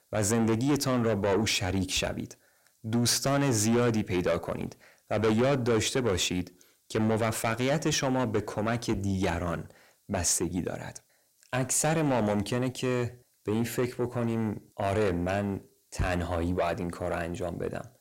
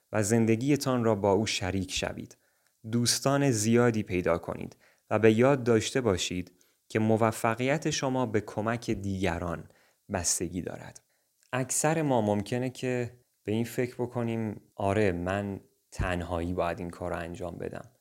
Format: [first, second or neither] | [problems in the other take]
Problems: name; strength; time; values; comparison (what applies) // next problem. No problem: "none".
second | distortion; heavy; 6 dB below the speech